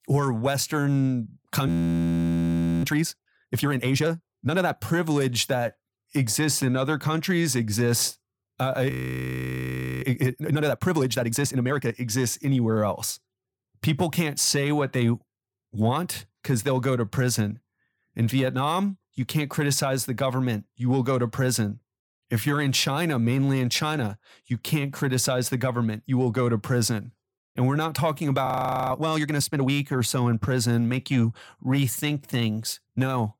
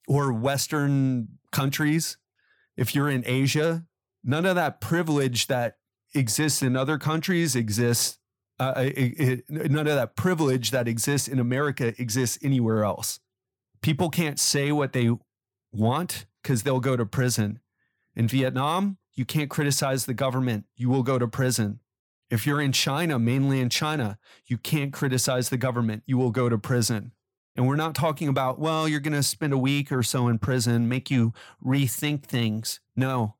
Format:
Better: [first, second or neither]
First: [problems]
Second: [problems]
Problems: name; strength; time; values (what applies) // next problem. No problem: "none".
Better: second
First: audio freezing; at 1.5 s for 1 s, at 9 s for 1 s and at 28 s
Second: none